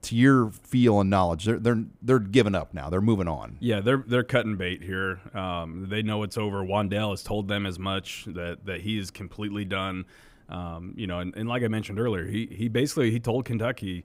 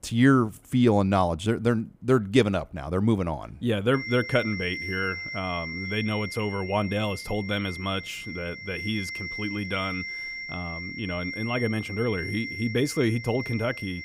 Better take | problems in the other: first | high-pitched whine; loud; from 4 s on; 2 kHz, 8 dB below the speech

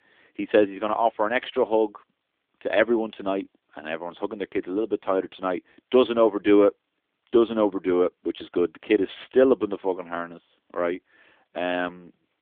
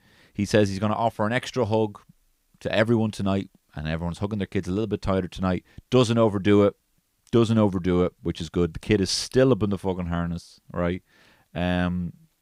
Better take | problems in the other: second | phone-call audio; nothing above 3.5 kHz

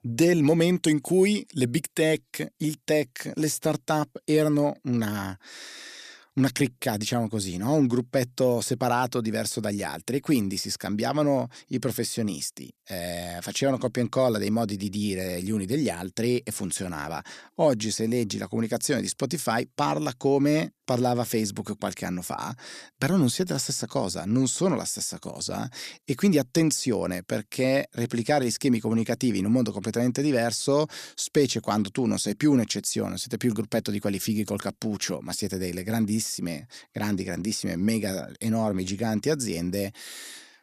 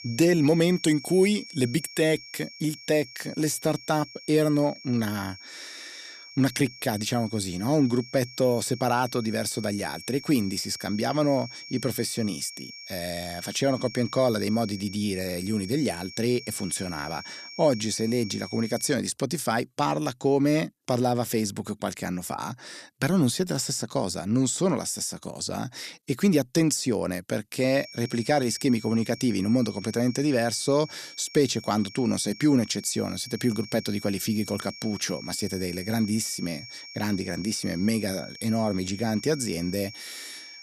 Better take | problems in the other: first | high-pitched whine; noticeable; until 19 s and from 28 s on; 5.5 kHz, 15 dB below the speech

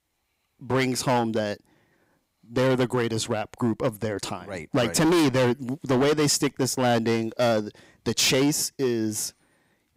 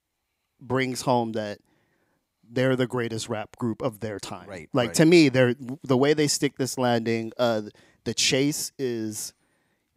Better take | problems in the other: second | distortion; heavy; 10% of the sound clipped

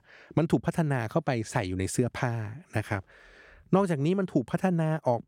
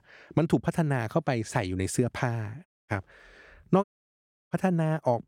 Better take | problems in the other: first | audio cutting out; at 2.5 s and at 4 s for 0.5 s

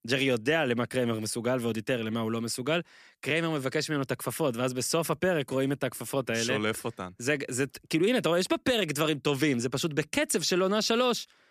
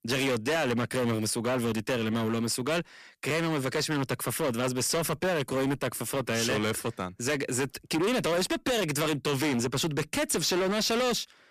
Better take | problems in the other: first | distortion; heavy; 21% of the sound clipped

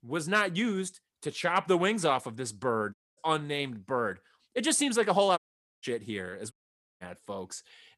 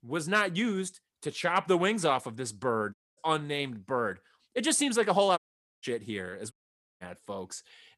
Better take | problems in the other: neither | audio cutting out; at 3 s, at 5.5 s and at 6.5 s; the same in both

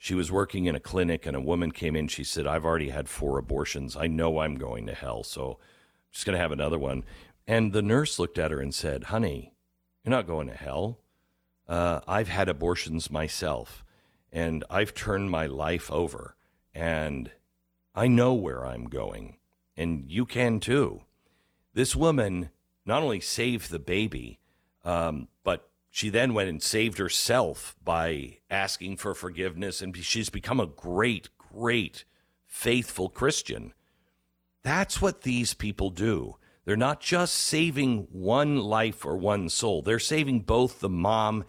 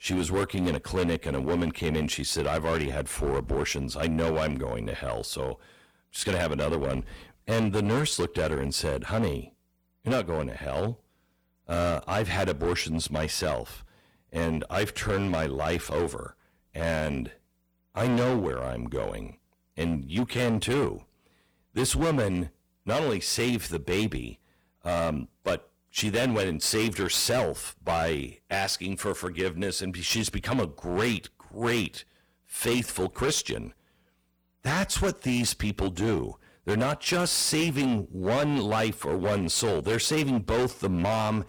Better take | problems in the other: first | distortion; heavy; 12% of the sound clipped

